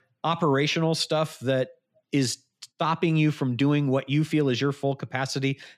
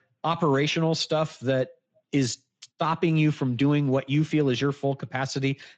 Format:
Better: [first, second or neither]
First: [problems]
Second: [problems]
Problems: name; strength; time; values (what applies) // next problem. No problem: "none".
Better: first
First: none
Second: garbled, watery; slightly; nothing above 7.5 kHz